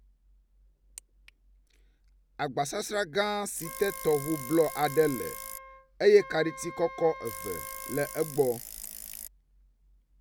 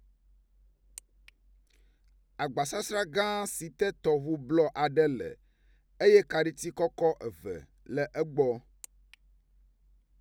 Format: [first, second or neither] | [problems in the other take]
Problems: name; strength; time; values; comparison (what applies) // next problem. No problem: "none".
second | background sound (Wind instrument, woodwind instrument + Bicycle); 11 dB below the speech